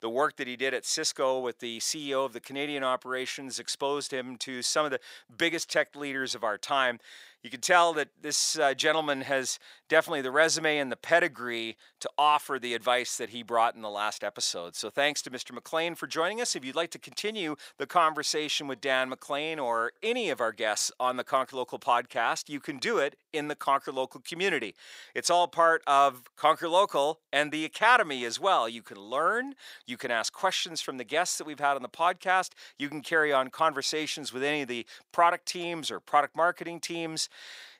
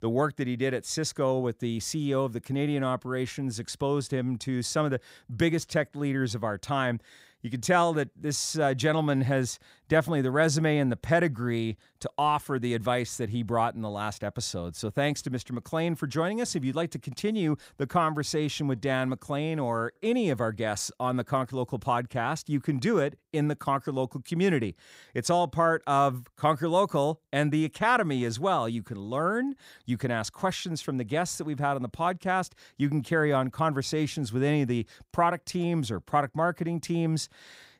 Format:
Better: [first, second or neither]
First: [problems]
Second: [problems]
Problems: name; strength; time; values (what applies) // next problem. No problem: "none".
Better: second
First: thin; somewhat; fading below 500 Hz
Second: none